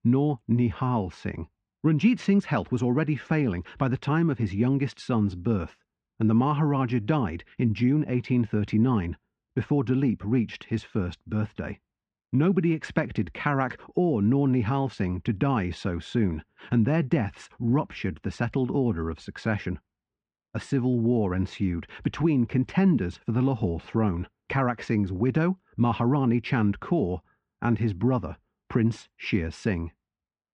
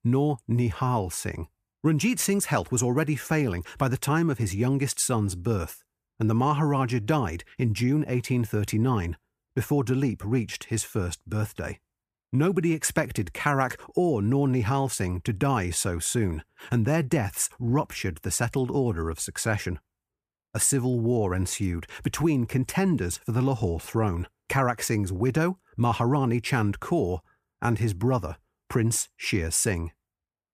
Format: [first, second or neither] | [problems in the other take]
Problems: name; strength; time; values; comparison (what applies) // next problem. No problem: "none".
second | muffled; slightly; fading above 4 kHz